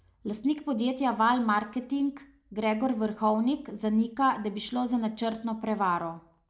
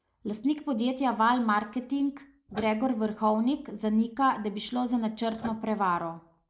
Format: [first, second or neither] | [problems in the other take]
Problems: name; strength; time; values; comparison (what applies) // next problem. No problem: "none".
first | noise reduction (neural mask model Resemble Enhance denoiser)